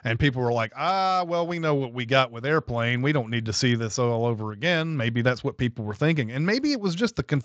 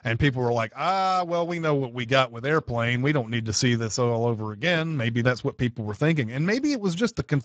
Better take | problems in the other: first | garbled, watery; badly; nothing above 7.5 kHz; slightly in the first

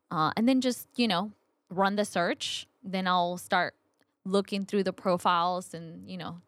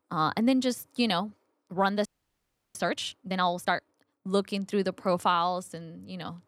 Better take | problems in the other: first | audio freezing; at 2 s for 0.5 s

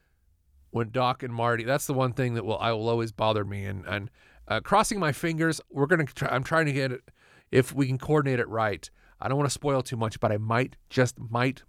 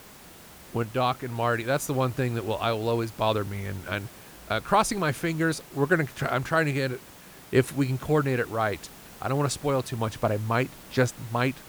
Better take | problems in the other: first | hiss; noticeable; throughout; 20 dB below the speech

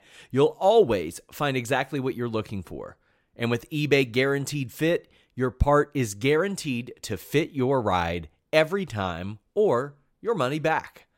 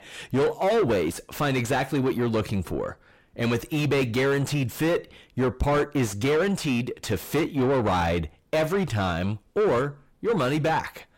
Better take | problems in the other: first | distortion; heavy; 5 dB below the speech

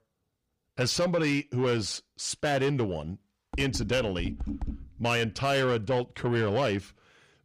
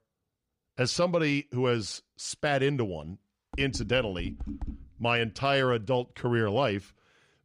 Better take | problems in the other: second | distortion; slight; 10 dB below the speech

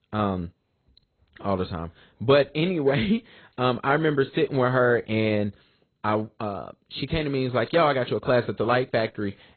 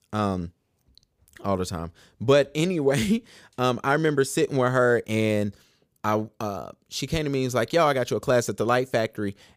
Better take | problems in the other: second | garbled, watery; badly; nothing above 4 kHz

